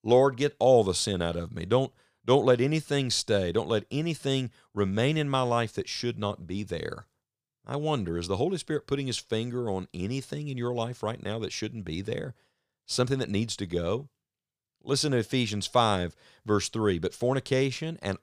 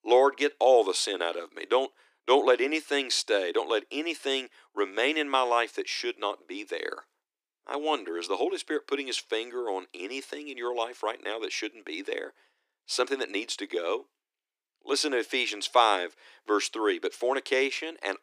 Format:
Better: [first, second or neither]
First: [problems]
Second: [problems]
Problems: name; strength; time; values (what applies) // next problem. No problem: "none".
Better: first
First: none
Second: thin; somewhat; fading below 300 Hz